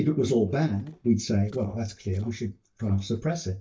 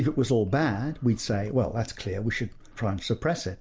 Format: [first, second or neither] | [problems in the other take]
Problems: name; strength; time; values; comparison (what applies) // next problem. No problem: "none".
second | noise reduction (neural mask model DeepFilterNet 3)